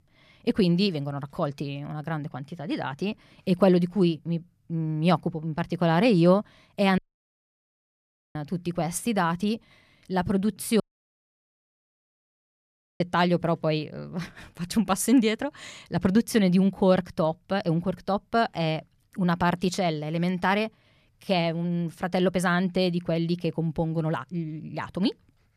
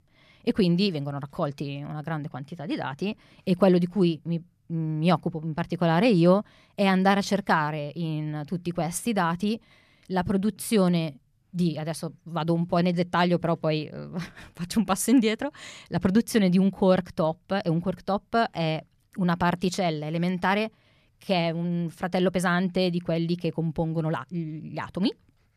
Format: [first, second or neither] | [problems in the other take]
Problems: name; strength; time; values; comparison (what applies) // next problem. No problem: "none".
second | audio cutting out; at 7 s for 1.5 s and at 11 s for 2 s